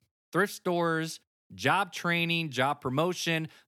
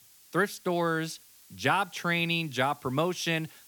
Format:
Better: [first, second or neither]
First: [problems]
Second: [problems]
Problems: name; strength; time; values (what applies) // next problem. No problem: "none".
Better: first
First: none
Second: hiss; faint; throughout; 25 dB below the speech